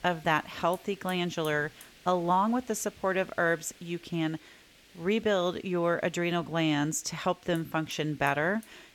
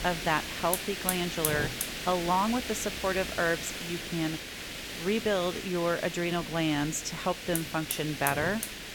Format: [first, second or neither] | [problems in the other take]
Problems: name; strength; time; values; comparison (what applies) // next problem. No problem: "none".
first | hiss; loud; throughout; 4 dB below the speech; faint in the first